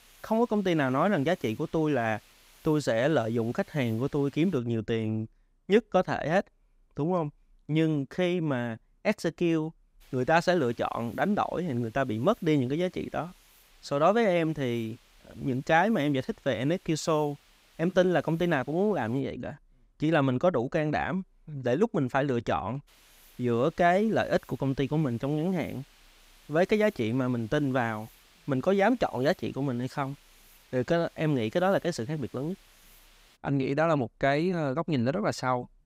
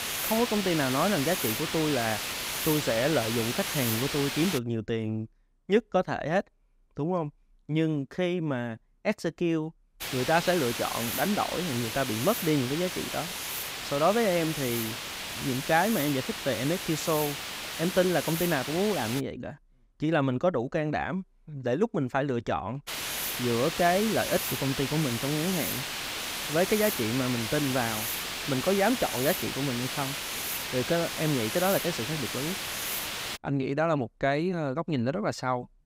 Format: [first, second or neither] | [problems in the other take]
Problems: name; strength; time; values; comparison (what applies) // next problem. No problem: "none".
first | hiss; loud; until 4.5 s, from 10 to 19 s and from 23 to 33 s; 3 dB below the speech; faint in the first